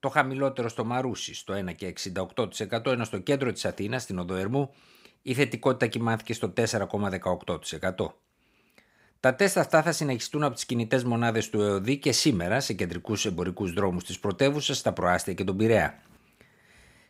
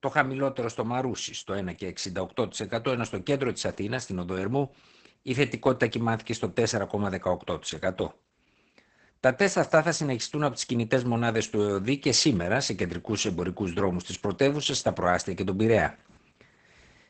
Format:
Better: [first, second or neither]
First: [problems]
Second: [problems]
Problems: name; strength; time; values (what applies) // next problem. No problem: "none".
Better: first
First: none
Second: garbled, watery; badly; nothing above 8 kHz